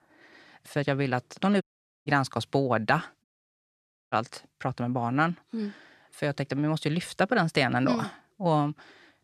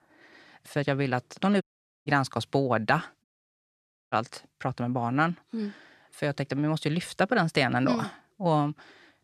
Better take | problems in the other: neither | audio cutting out; at 1.5 s and at 3 s for 1 s; the same in both

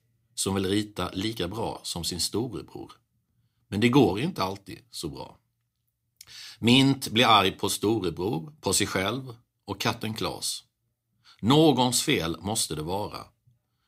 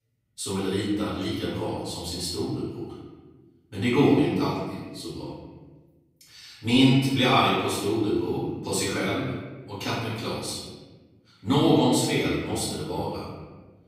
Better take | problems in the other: first | room echo; noticeable; dies away in 1.3 s // off-mic speech; far

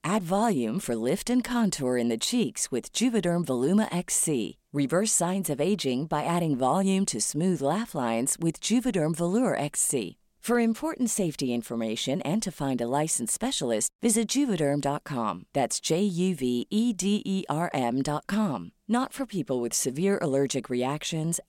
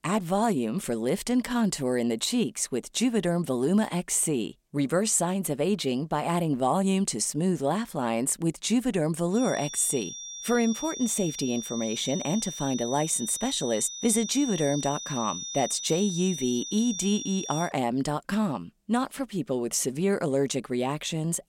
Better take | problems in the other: first | high-pitched whine; loud; from 9.5 to 18 s; 6 kHz, 8 dB below the speech

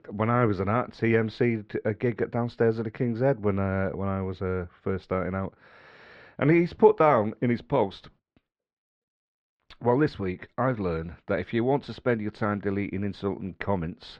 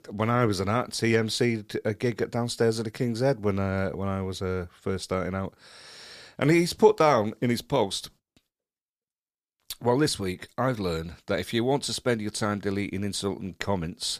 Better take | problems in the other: second | muffled; very; fading above 2.5 kHz

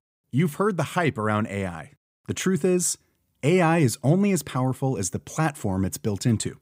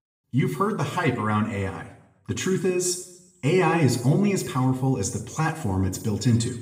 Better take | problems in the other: first | room echo; slight; dies away in 0.7 s // off-mic speech; far

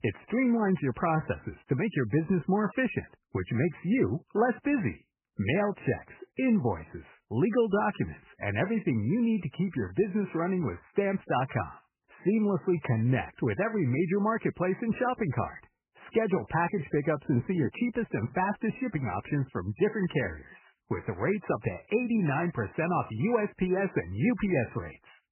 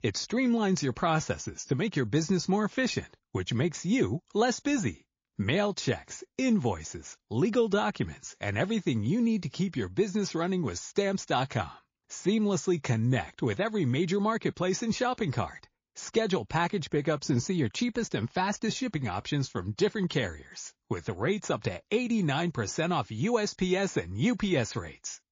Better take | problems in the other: second | garbled, watery; badly; nothing above 3 kHz; slightly in the second

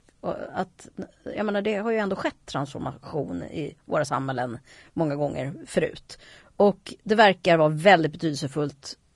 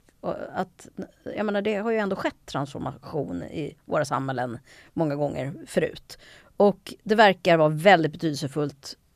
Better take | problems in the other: second | garbled, watery; slightly; nothing above 10.5 kHz

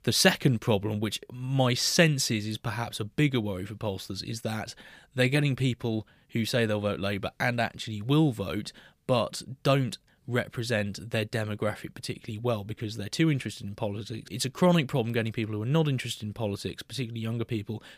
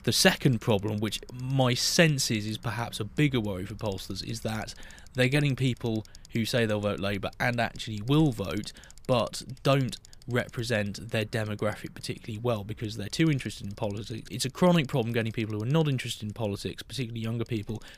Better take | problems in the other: first | traffic noise; faint; throughout; 25 dB below the speech

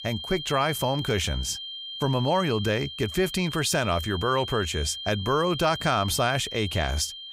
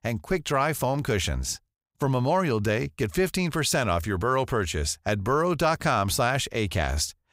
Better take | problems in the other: second | high-pitched whine; loud; throughout; 3 kHz, 8 dB below the speech

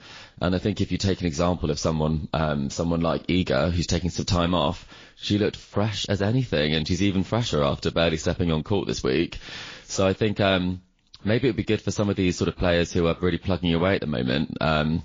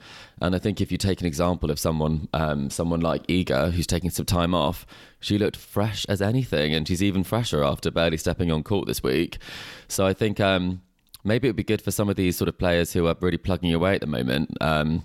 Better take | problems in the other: second | garbled, watery; slightly; nothing above 6 kHz

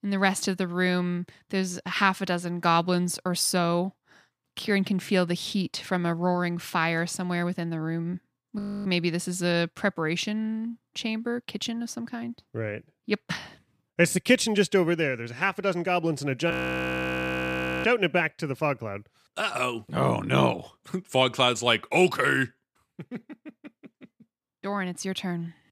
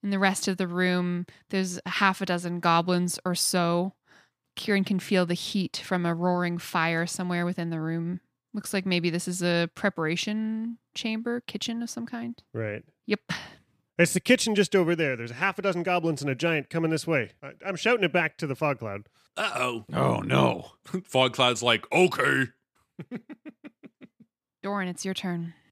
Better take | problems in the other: second | audio freezing; at 8.5 s and at 17 s for 1.5 s

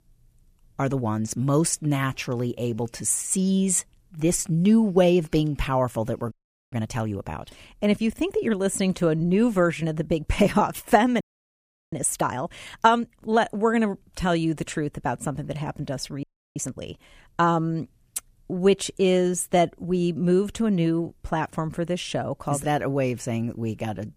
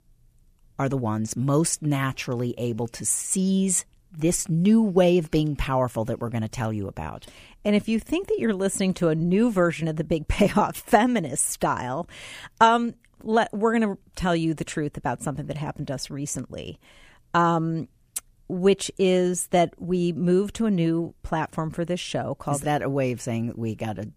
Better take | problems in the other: second | audio freezing; at 6.5 s, at 11 s for 0.5 s and at 16 s

